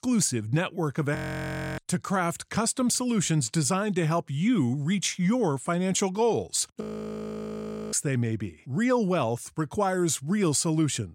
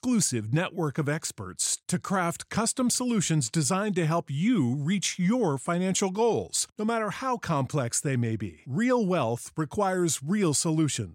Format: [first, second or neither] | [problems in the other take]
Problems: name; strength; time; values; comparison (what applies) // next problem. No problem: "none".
second | audio freezing; at 1 s for 0.5 s and at 7 s for 1 s